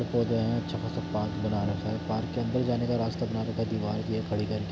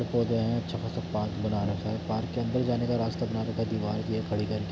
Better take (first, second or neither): second